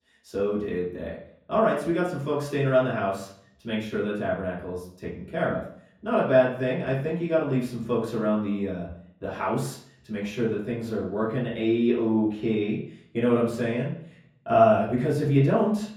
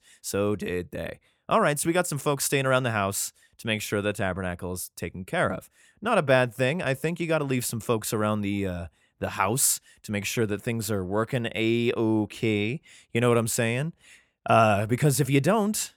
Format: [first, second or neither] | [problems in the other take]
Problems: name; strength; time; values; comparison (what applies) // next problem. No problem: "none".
second | room echo; noticeable; dies away in 0.6 s // off-mic speech; far